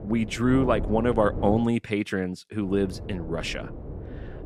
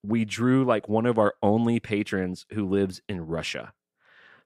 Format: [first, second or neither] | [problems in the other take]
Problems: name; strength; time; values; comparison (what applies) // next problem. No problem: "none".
second | wind noise on the microphone; occasional gusts; until 1.5 s and from 2.5 s on; 15 dB below the speech